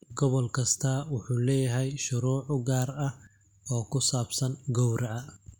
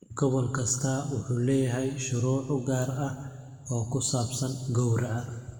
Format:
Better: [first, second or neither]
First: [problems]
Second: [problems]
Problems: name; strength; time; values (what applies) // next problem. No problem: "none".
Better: first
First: none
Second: room echo; dies away in 1.7 s